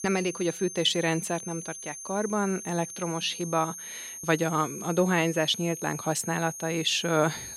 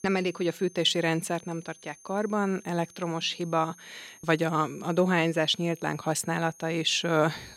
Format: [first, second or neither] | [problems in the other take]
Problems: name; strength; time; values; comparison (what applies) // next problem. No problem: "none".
second | high-pitched whine; loud; throughout; 6.5 kHz, 10 dB below the speech; faint in the second